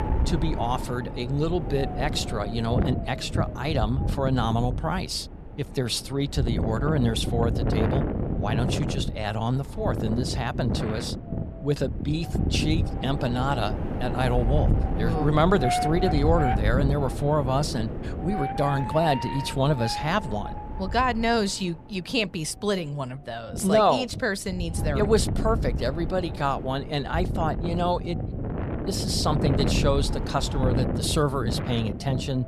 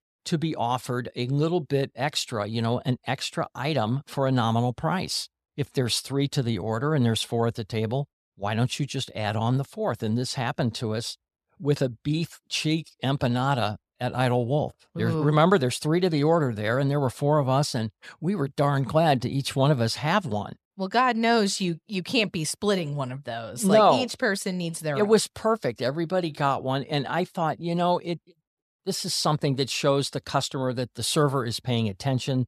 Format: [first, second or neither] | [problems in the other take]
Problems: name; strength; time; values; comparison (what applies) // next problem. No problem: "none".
second | wind noise on the microphone; heavy; 6 dB below the speech